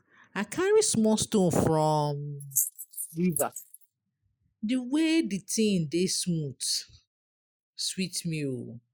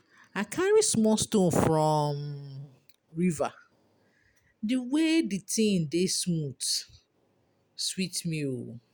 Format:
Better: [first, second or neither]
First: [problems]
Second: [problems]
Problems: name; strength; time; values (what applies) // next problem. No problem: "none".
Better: second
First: noise reduction (neural mask model Resemble Enhance denoiser)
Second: none